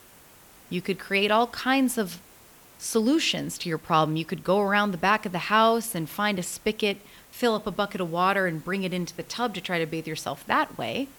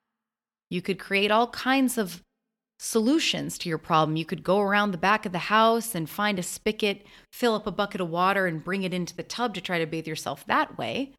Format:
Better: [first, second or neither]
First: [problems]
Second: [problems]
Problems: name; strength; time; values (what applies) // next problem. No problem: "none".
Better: second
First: hiss; faint; throughout; 25 dB below the speech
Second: none